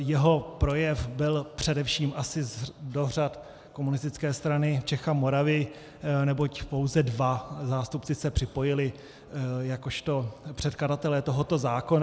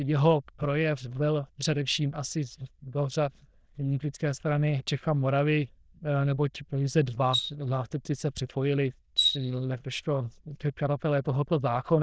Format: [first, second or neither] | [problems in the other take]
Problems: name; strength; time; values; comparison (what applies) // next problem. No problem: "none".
first | noise reduction (neural diffusion model UNIVERSE++)